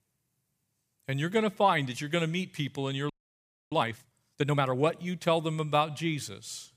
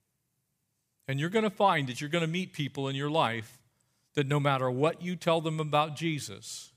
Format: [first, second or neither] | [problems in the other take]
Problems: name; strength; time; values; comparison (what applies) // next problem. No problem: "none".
second | audio freezing; at 3 s for 0.5 s